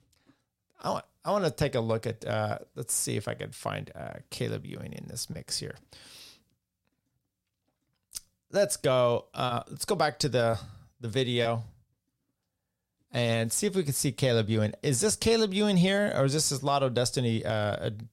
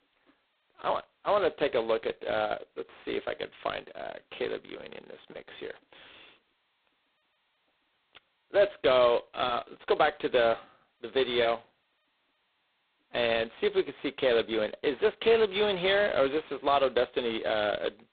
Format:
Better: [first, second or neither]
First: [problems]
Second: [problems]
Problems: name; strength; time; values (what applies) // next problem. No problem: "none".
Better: first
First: none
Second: phone-call audio; poor line; nothing above 4 kHz